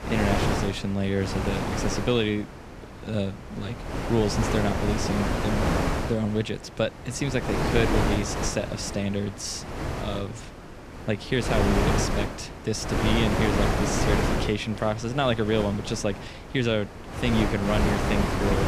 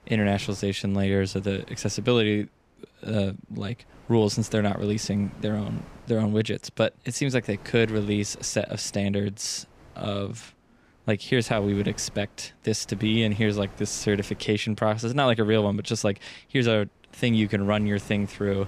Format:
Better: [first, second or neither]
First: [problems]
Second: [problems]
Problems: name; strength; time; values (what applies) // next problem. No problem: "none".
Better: second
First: wind noise on the microphone; heavy; as loud as the speech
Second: wind noise on the microphone; occasional gusts; 25 dB below the speech